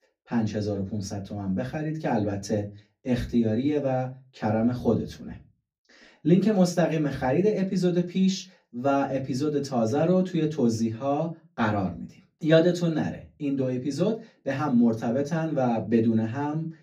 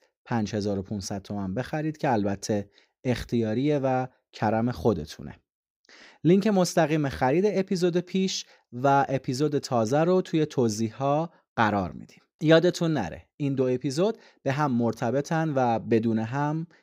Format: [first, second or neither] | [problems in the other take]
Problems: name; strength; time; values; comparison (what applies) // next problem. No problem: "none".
second | off-mic speech; far // room echo; very slight; dies away in 0.2 s